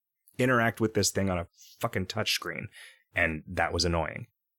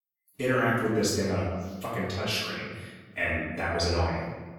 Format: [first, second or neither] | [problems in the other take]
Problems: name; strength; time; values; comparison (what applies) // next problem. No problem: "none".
first | room echo; noticeable; dies away in 1.2 s // off-mic speech; far